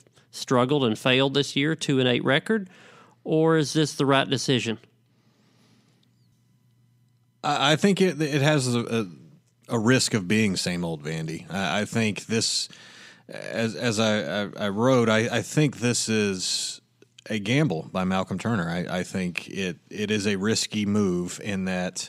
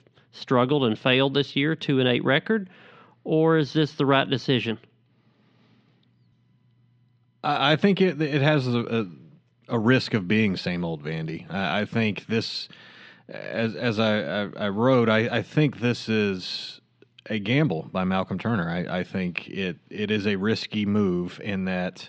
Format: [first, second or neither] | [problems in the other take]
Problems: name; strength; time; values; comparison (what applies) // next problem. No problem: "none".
first | muffled; slightly; fading above 4 kHz